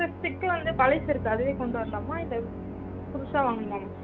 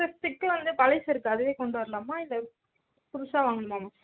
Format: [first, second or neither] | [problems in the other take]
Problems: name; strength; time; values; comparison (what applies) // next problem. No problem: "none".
second | background sound (Musical instrument + Piano); 7 dB below the speech